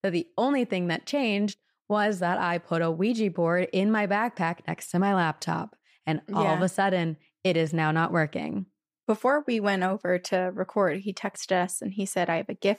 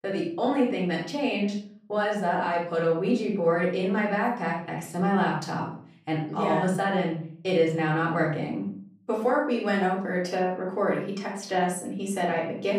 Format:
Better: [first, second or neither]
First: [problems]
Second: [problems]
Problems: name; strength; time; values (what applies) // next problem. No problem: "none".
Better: first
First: none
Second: off-mic speech; far // room echo; noticeable; dies away in 0.5 s